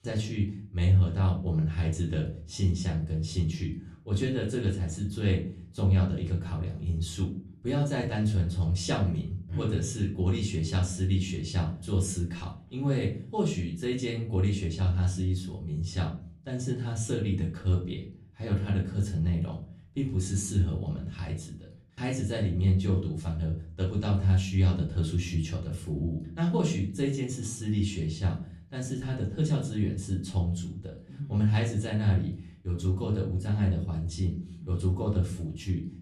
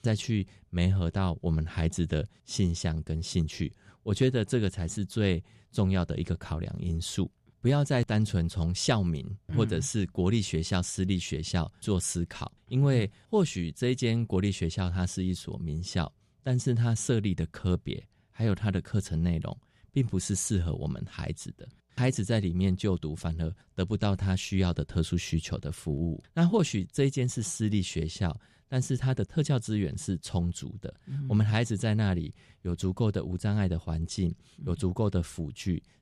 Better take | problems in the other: second | off-mic speech; far // room echo; slight; dies away in 0.4 s

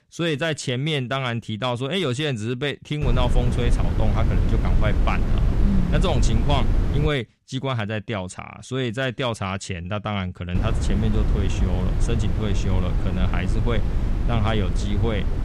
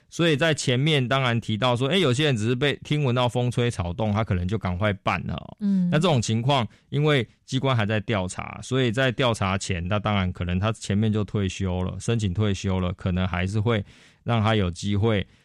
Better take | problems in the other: second | wind noise on the microphone; heavy; from 3 to 7 s and from 11 s on; 7 dB below the speech

